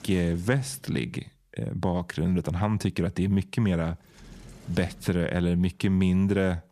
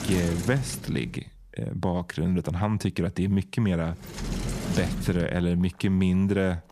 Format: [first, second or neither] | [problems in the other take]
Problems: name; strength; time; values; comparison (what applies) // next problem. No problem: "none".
first | household noises; loud; throughout; 7 dB below the speech; faint in the first